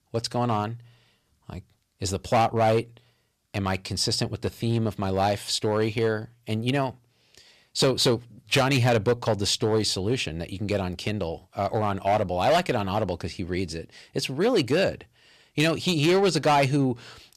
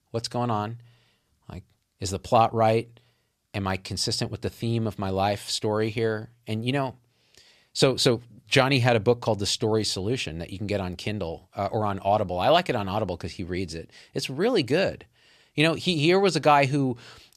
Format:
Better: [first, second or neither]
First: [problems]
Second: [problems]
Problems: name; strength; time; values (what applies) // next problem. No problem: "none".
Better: second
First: distortion; slight; 4% of the sound clipped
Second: none